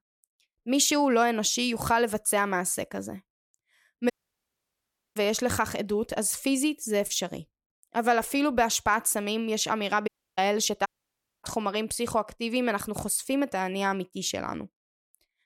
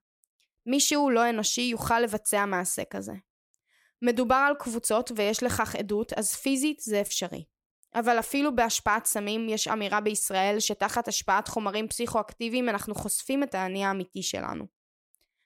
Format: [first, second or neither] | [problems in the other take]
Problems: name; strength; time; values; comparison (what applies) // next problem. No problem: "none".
second | audio cutting out; at 4 s for 1 s, at 10 s and at 11 s for 0.5 s